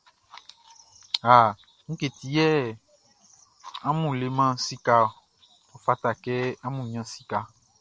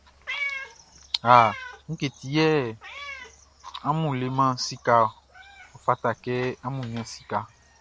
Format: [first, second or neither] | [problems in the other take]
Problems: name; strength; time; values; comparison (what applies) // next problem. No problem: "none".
first | background sound (Meow); 14 dB below the speech